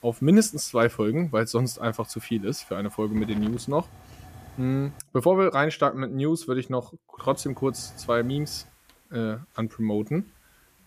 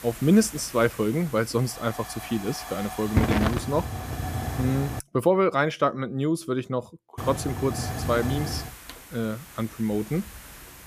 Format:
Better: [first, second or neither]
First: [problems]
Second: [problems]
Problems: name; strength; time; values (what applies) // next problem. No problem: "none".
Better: first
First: hiss; faint; until 5 s and from 7 s on; 20 dB below the speech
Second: hiss; loud; until 5 s and from 7 s on; 6 dB below the speech